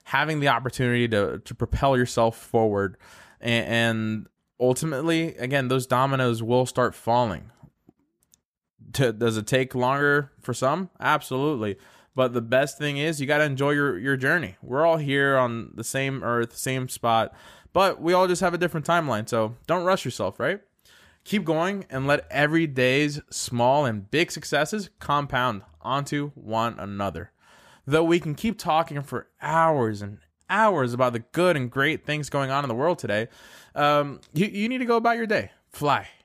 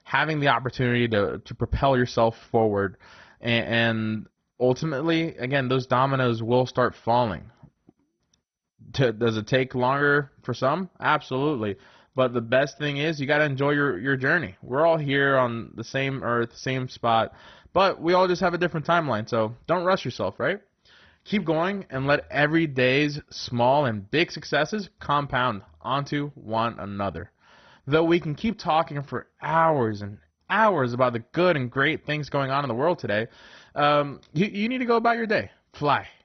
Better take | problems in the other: first | garbled, watery; badly; nothing above 6 kHz

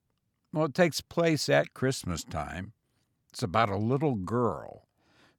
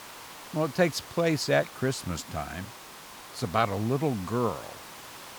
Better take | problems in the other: first | hiss; noticeable; throughout; 15 dB below the speech

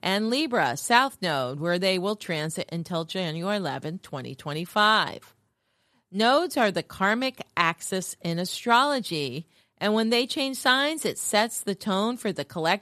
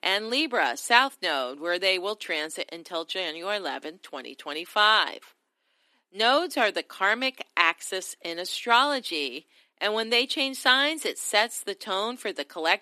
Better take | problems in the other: first | thin; somewhat; fading below 250 Hz

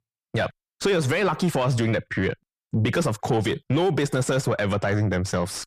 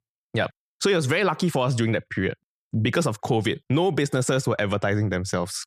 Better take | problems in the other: second | distortion; slight; 10 dB below the speech

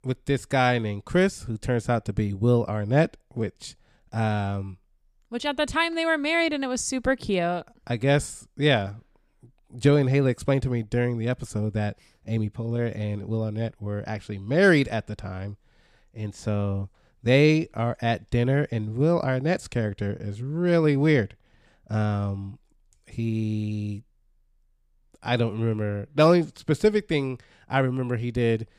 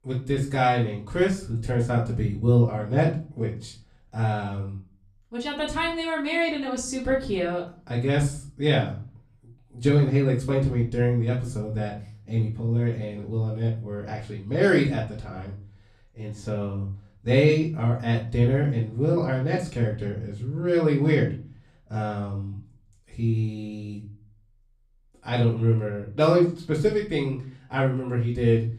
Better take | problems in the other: first | off-mic speech; far // room echo; slight; dies away in 0.4 s

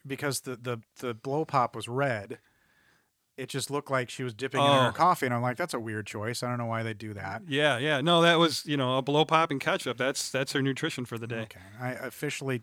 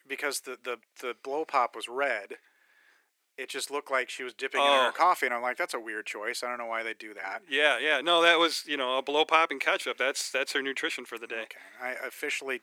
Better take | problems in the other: first | thin; somewhat; fading below 350 Hz

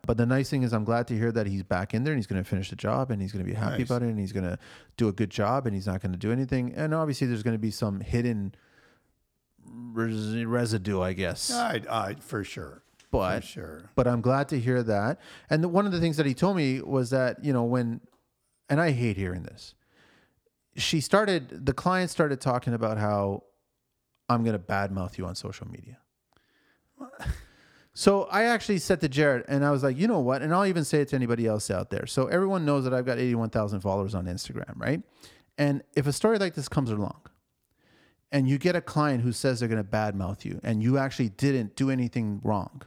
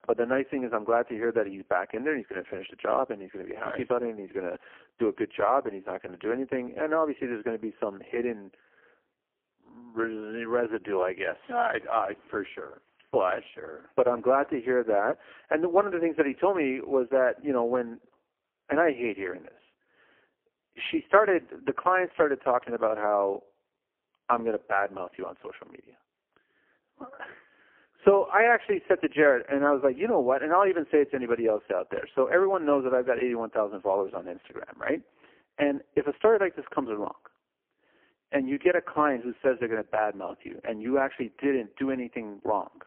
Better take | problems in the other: first | phone-call audio; poor line; nothing above 3 kHz

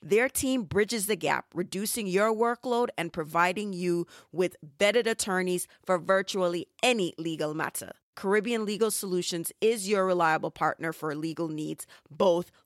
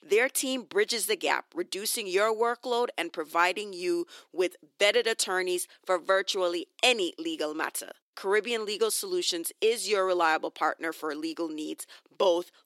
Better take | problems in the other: first | thin; somewhat; fading below 300 Hz

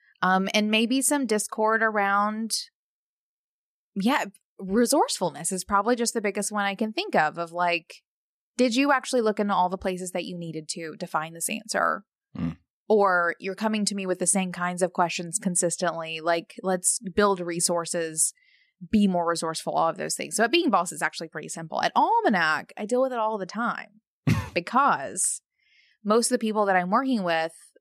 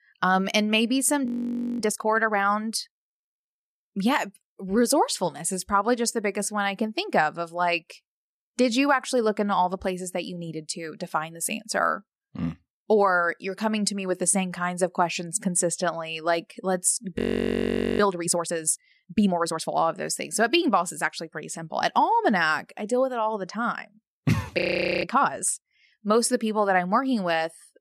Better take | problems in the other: first | audio freezing; at 1.5 s for 0.5 s, at 17 s for 1 s and at 25 s

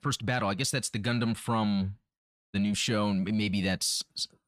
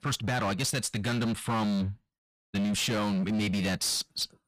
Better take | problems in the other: first | distortion; slight; 23% of the sound clipped

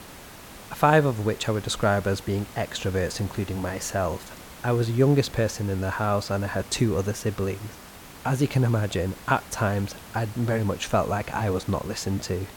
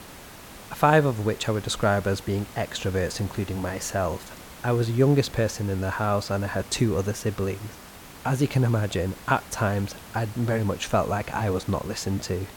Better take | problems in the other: neither | hiss; noticeable; throughout; 15 dB below the speech; the same in both

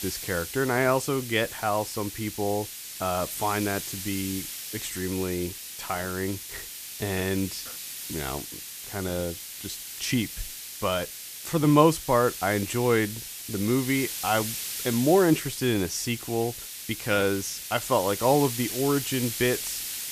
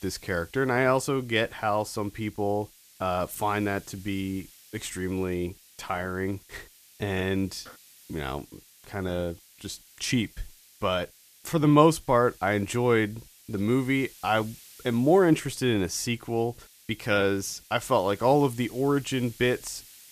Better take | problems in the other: second | hiss; loud; throughout; 7 dB below the speech; faint in the second

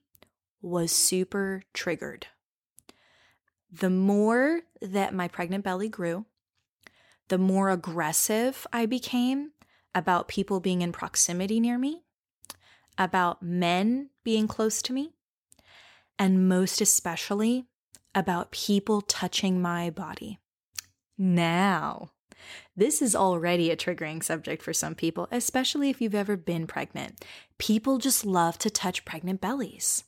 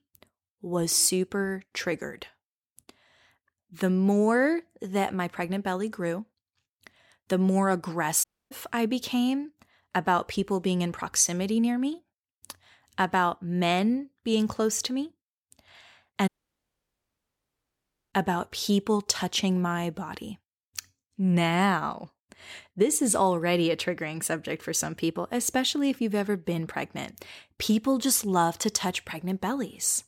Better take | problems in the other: first | audio cutting out; at 8 s and at 16 s for 2 s

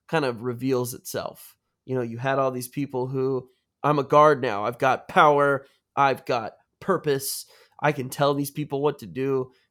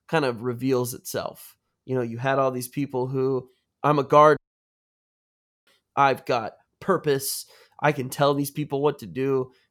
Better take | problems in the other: first | audio cutting out; at 4.5 s for 1.5 s

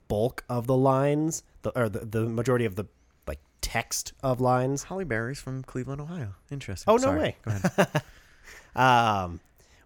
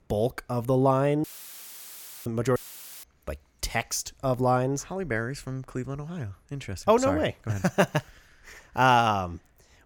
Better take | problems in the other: first | audio cutting out; filled with static; at 1 s for 1 s and at 2.5 s

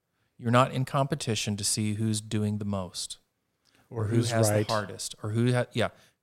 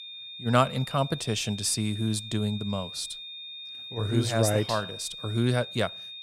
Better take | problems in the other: first | high-pitched whine; noticeable; throughout; 3.5 kHz, 10 dB below the speech

